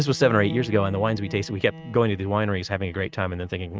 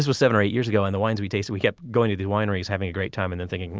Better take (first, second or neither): second